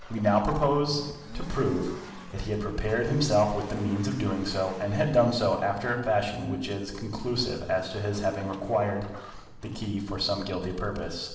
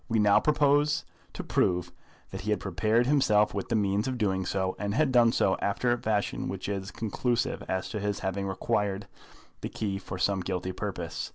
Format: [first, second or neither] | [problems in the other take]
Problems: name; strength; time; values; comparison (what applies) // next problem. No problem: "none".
second | background sound (Accelerating, revving, vroom); 19 dB below the speech // room echo; dies away in 1.1 s